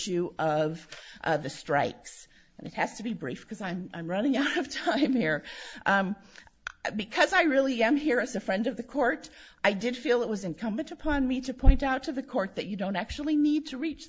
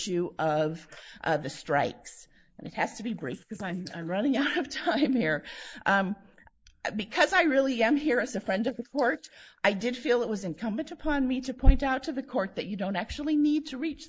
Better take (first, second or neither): first